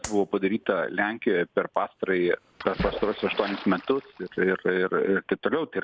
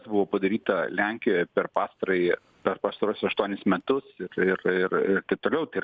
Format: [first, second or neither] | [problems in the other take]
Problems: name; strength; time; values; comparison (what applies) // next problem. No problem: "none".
second | background sound (Splash, splatter + Clapping); 11 dB below the speech